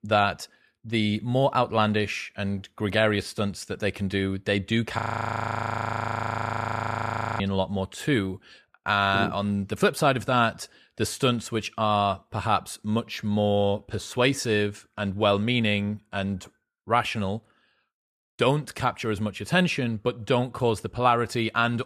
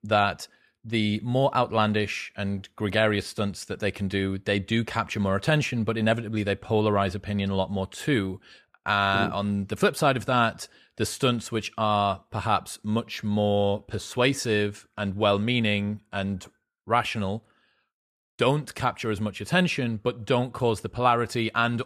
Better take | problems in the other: second | audio freezing; at 5 s for 2.5 s

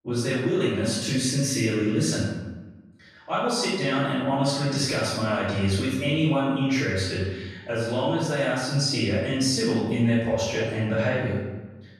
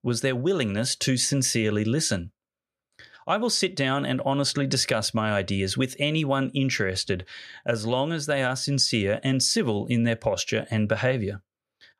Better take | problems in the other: second | off-mic speech; far // room echo; strong; dies away in 1 s

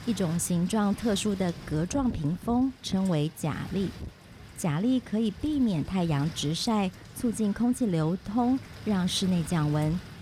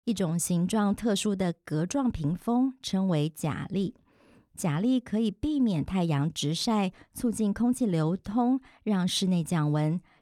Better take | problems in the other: second | wind noise on the microphone; occasional gusts; 15 dB below the speech

